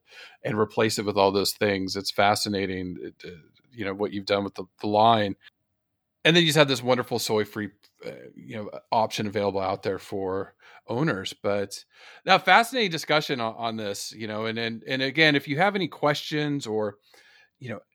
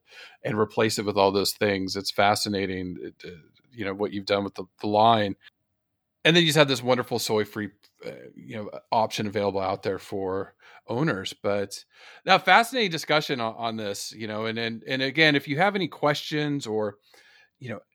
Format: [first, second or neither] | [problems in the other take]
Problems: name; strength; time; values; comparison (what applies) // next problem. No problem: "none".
neither | none